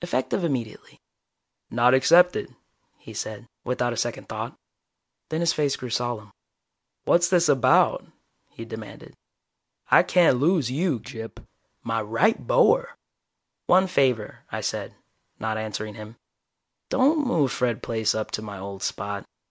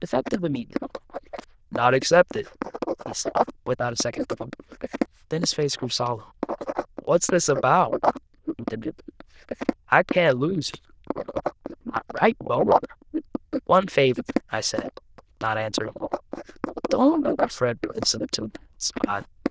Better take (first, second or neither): first